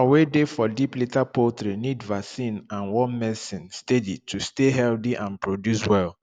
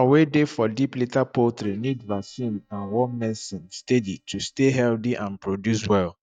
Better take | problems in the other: first | noise reduction (neural mask model DeepFilterNet 3)

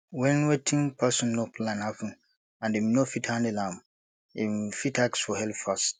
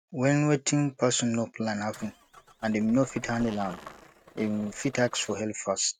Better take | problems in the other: first | noise reduction (neural mask model RNNoise)

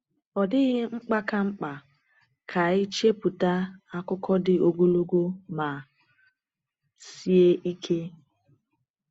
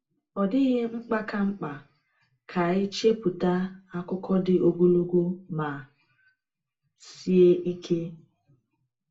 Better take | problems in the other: first | room echo; dies away in 0.2 s

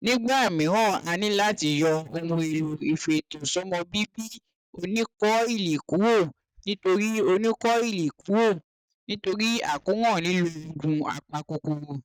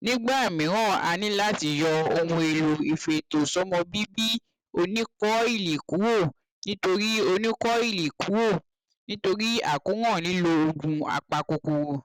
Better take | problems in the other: second | noise reduction (neural mask model DeepFilterNet 3)

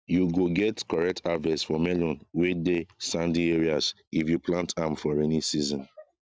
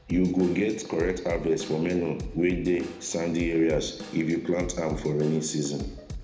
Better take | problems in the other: first | background sound (Drum / Drum kit); 13 dB below the speech // room echo; dies away in 0.7 s

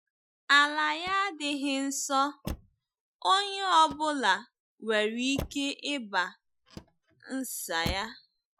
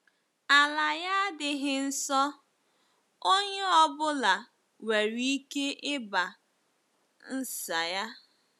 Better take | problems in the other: second | noise reduction (classical method Wiener filter)

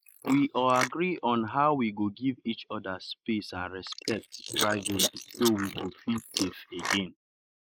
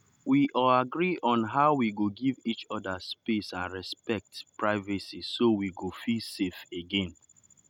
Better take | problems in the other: second | noise reduction (neural mask model Resemble Enhance denoiser)

